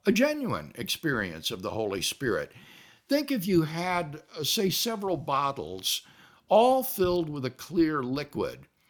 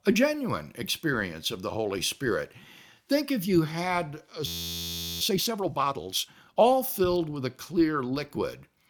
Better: first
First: none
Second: audio freezing; at 4.5 s for 1 s

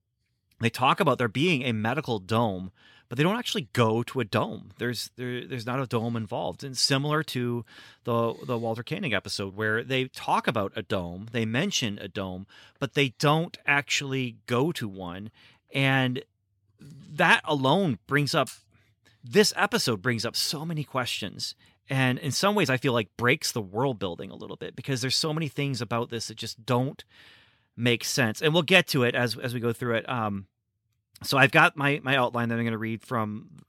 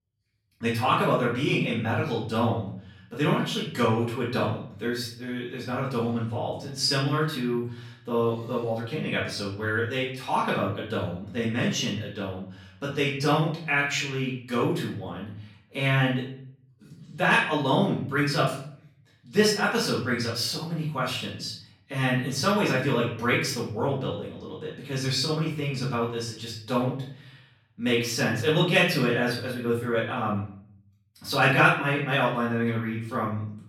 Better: first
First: none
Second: off-mic speech; far // room echo; noticeable; dies away in 0.5 s

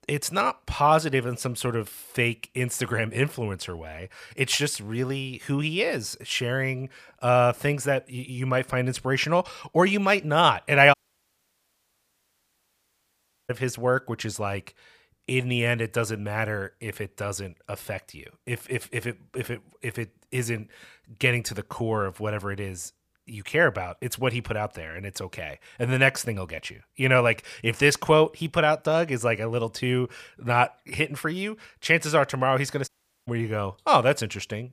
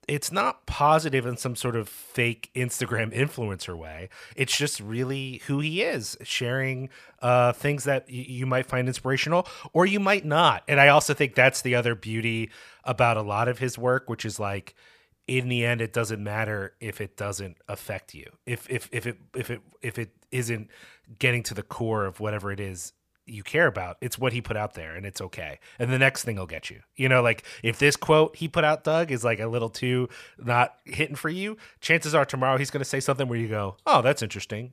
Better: second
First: audio cutting out; at 11 s for 2.5 s and at 33 s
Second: none

